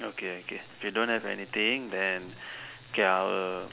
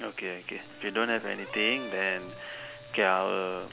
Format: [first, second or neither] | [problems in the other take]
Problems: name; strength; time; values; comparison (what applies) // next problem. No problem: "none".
first | background sound (Brass instrument); 14 dB below the speech